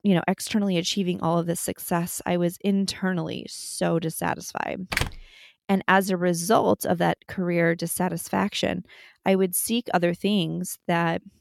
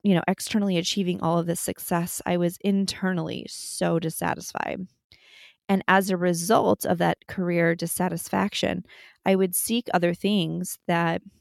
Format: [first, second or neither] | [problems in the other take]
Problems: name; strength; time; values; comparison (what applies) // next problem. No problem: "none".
second | door banging; noticeable; at 5 s; peak 3 dB below the speech